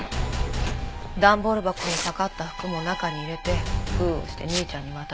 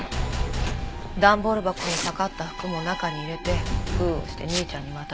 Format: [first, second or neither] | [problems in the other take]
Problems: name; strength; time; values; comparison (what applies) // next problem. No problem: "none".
first | background sound (Liquid); 19 dB below the speech